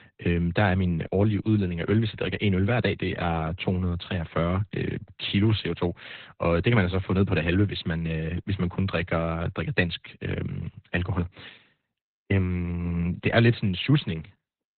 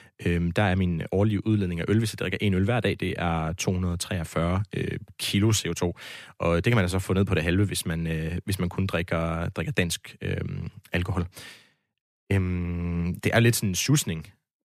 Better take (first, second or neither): second